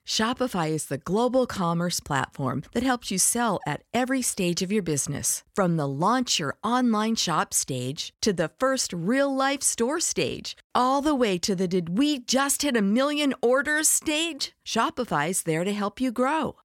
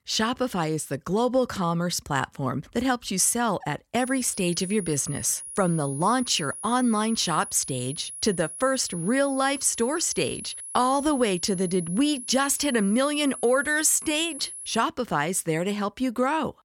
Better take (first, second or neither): first